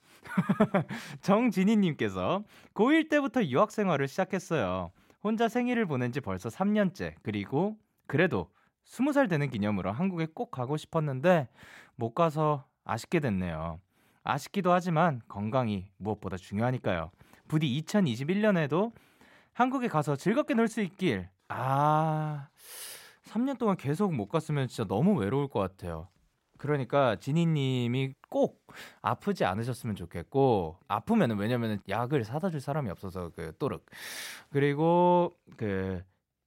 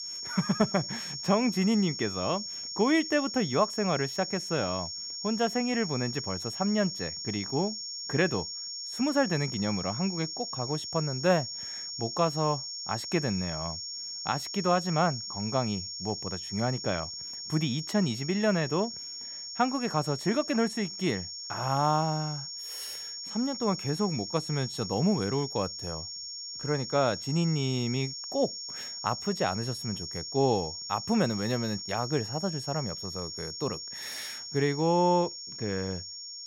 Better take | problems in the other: first | high-pitched whine; loud; throughout; 5.5 kHz, 6 dB below the speech

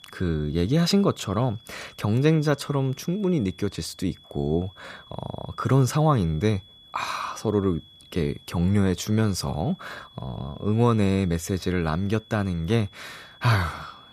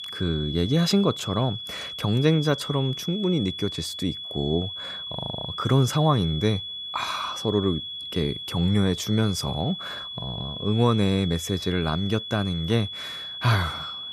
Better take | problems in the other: first | high-pitched whine; loud; throughout; 3.5 kHz, 7 dB below the speech; faint in the first

